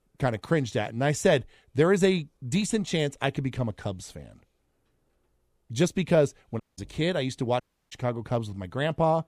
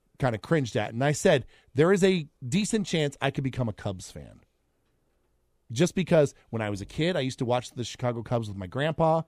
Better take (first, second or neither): second